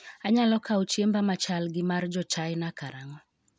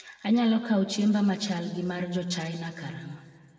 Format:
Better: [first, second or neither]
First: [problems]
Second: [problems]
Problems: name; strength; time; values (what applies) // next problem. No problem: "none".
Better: first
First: none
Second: room echo; dies away in 2.1 s